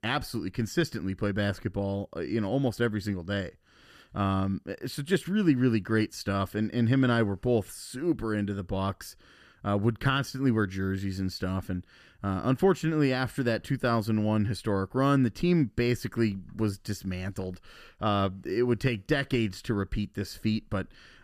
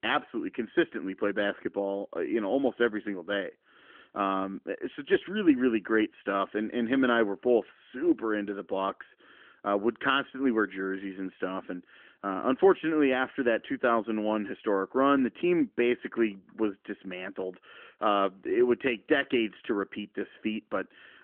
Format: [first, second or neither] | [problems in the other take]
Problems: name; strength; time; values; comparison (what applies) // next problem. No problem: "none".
first | phone-call audio; nothing above 3.5 kHz